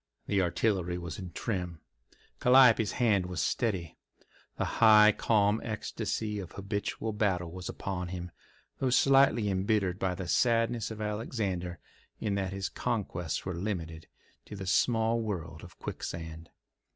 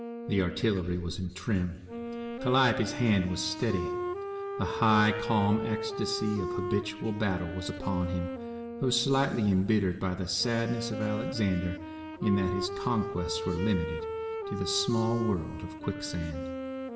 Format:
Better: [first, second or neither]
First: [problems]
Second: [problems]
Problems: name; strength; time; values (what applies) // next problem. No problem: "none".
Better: first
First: none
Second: background sound (Wind instrument, woodwind instrument); 6 dB below the speech // room echo; dies away in 1.3 s